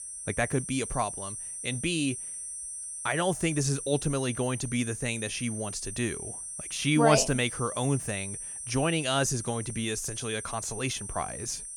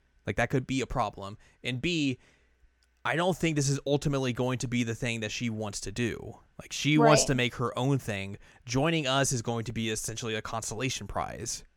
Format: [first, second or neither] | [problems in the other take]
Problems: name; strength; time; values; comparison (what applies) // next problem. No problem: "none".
second | high-pitched whine; loud; throughout; 8.5 kHz, 7 dB below the speech